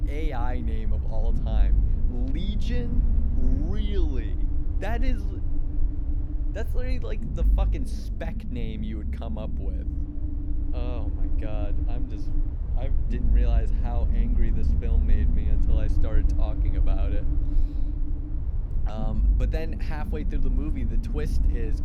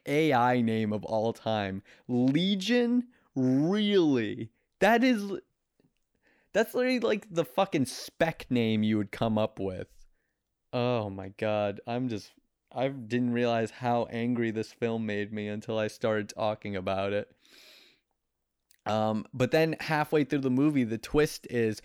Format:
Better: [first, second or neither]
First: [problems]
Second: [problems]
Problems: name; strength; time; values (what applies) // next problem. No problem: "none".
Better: second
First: low rumble; loud; throughout; 4 dB below the speech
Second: none